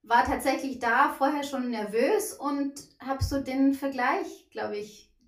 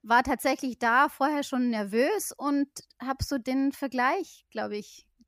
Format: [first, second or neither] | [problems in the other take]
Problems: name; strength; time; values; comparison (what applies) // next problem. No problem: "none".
second | off-mic speech; far // room echo; very slight; dies away in 0.3 s